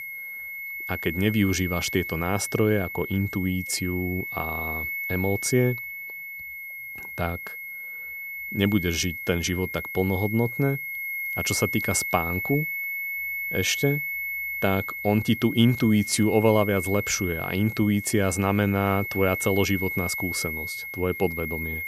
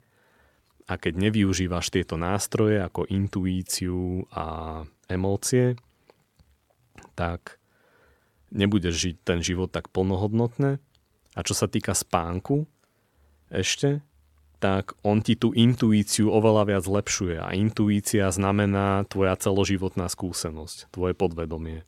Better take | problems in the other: second | high-pitched whine; loud; throughout; 2 kHz, 5 dB below the speech

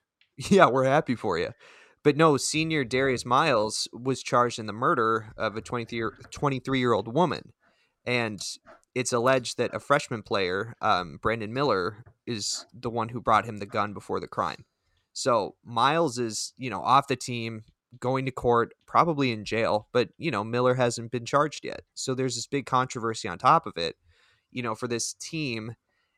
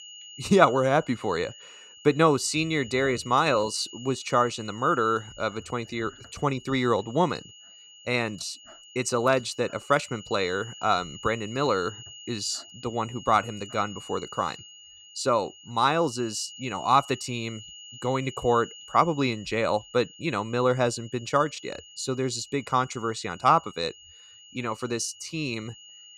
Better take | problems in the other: first | high-pitched whine; noticeable; throughout; 3 kHz, 20 dB below the speech

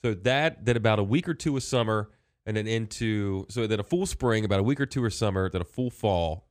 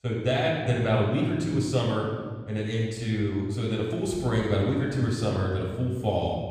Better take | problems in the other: first | off-mic speech; far // room echo; noticeable; dies away in 1.4 s

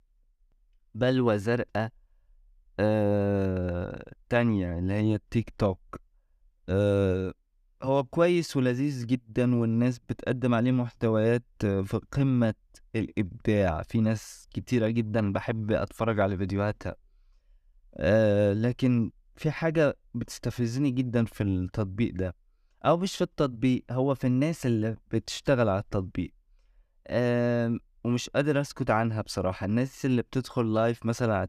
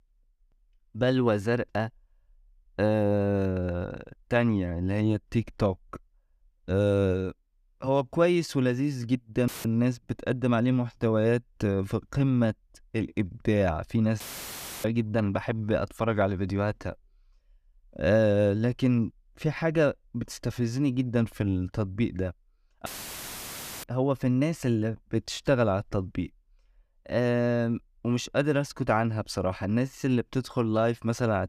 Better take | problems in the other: first | audio cutting out; filled with static; at 9.5 s, at 14 s for 0.5 s and at 23 s for 1 s

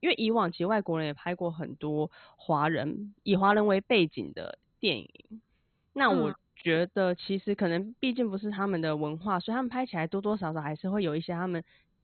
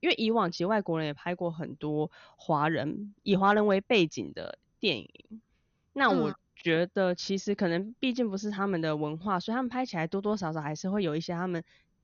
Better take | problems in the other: second | garbled, watery; badly; nothing above 4 kHz; slightly in the second

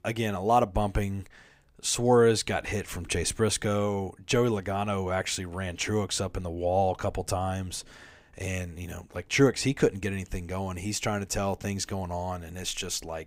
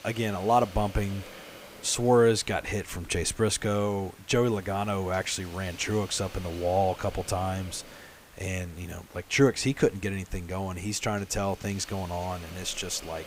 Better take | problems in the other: first | hiss; noticeable; throughout; 20 dB below the speech

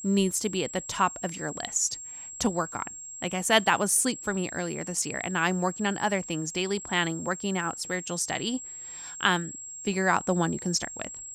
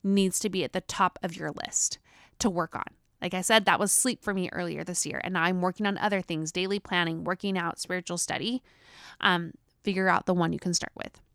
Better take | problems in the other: second | high-pitched whine; noticeable; throughout; 7.5 kHz, 10 dB below the speech

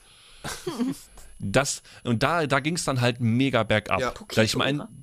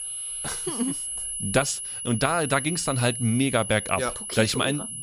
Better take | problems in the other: first | high-pitched whine; loud; throughout; 10.5 kHz, 5 dB below the speech; faint in the first

